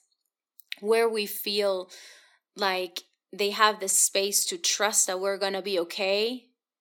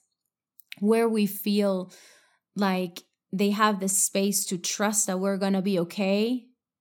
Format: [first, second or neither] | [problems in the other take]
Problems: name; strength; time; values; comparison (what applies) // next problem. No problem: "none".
second | thin; very; fading below 300 Hz